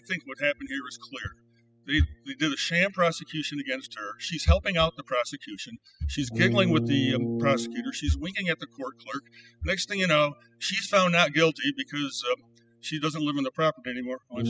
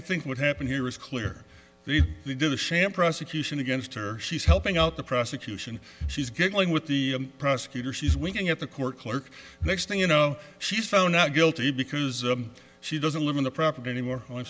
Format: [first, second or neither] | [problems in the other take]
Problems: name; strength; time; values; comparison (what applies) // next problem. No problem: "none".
second | noise reduction (classical method spectral subtraction)